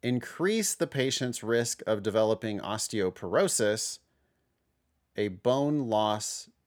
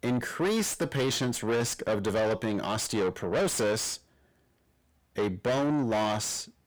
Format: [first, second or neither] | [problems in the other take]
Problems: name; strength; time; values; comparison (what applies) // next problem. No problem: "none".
first | distortion; heavy; 6 dB below the speech